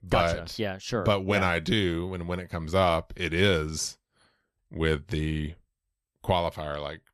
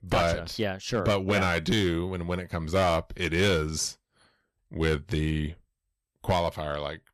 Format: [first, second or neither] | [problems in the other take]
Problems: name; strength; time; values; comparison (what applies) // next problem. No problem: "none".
first | distortion; slight; 4% of the sound clipped